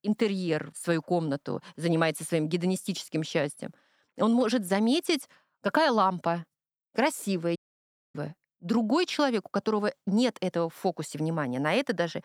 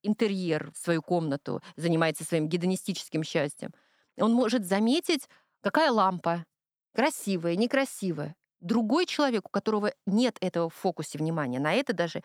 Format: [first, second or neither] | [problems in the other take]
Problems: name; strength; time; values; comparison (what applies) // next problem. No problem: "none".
second | audio cutting out; at 7.5 s for 0.5 s